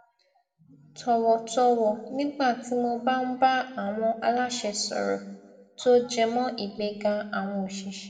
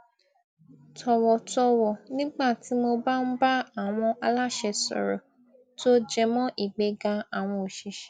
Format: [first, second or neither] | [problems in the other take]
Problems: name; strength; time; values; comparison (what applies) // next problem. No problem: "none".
second | room echo; dies away in 0.9 s